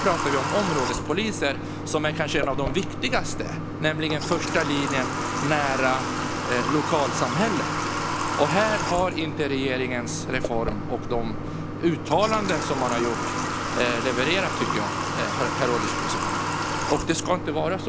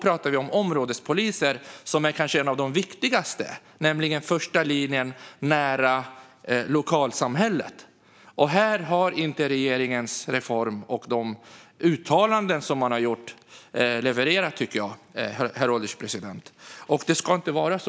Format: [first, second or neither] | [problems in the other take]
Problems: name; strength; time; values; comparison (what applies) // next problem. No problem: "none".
second | background sound (Water tap, faucet / Water); 1 dB below the speech